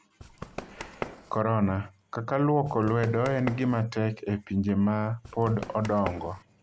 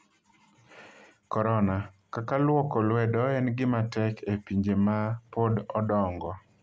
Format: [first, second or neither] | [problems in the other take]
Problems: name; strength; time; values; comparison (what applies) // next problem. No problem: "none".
second | background sound (Run); 13 dB below the speech